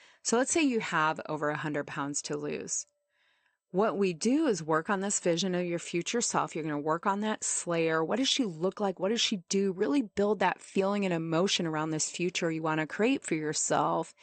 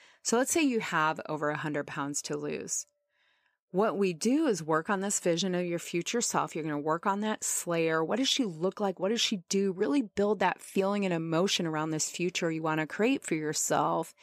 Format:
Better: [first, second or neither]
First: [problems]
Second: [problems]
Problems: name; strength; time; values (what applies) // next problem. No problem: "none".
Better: second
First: garbled, watery; slightly; nothing above 8.5 kHz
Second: none